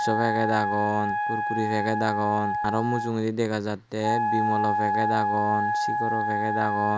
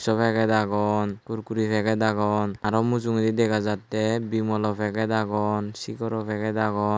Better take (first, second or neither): second